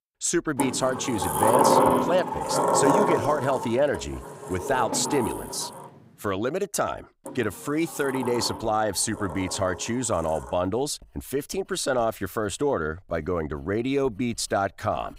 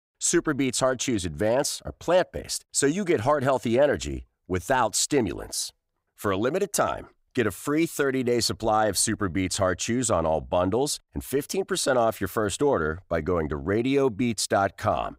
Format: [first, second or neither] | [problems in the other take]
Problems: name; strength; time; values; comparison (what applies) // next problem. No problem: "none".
second | household noises; very loud; throughout; 1 dB above the speech